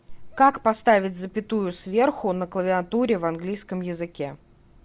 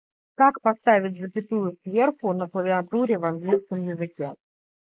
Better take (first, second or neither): first